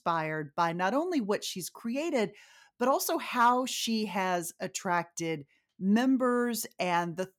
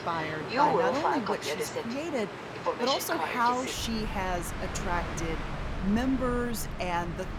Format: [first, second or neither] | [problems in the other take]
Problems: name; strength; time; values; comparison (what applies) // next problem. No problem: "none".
first | train or aircraft noise; loud; throughout; 1 dB below the speech